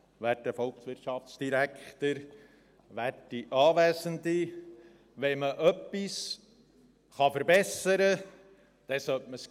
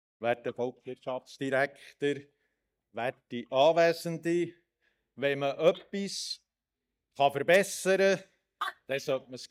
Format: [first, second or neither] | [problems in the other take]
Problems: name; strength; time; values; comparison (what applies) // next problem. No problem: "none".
first | noise reduction (neural mask model DeepFilterNet 3)